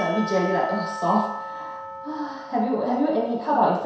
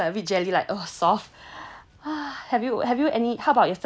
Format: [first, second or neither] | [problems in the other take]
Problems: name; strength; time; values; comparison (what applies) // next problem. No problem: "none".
second | background sound (Church bell / Percussion); 10 dB below the speech // room echo; dies away in 0.7 s